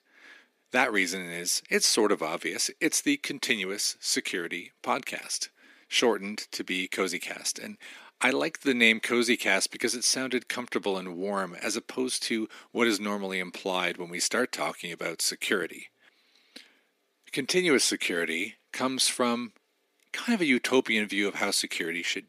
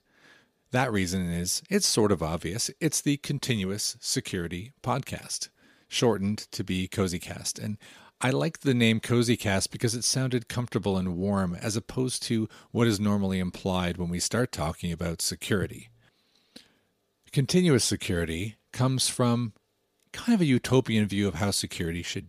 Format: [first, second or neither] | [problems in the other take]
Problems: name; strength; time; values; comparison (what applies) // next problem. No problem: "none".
second | thin; somewhat; fading below 250 Hz